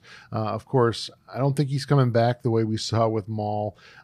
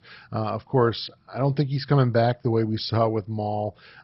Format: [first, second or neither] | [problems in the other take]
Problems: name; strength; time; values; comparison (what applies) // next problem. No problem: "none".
first | garbled, watery; badly; nothing above 5.5 kHz